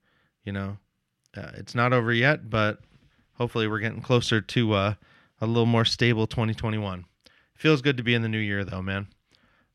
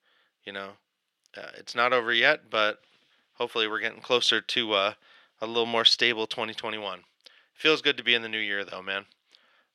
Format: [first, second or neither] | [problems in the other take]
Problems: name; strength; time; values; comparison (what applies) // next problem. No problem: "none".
first | thin; very; fading below 500 Hz